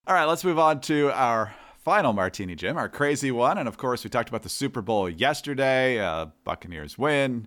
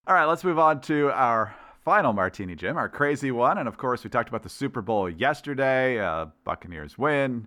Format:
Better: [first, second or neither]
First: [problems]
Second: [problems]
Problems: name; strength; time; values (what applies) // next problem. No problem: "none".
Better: first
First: none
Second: muffled; slightly; fading above 3 kHz